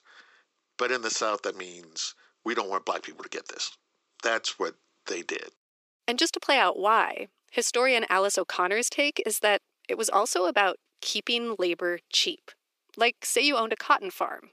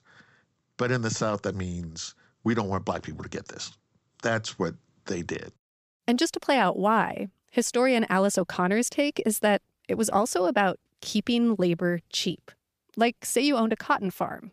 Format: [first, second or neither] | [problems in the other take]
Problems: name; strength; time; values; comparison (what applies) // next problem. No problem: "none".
second | thin; somewhat; fading below 350 Hz